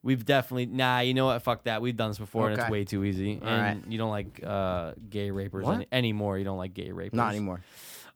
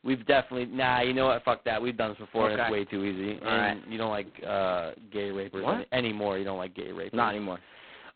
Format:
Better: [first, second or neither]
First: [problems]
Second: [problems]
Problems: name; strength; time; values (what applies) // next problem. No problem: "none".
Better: first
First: none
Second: phone-call audio; poor line; nothing above 4 kHz